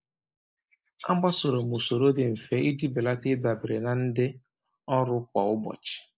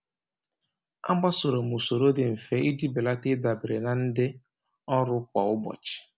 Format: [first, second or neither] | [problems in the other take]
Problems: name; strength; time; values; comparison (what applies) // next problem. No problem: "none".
second | noise reduction (neural mask model Resemble Enhance denoiser)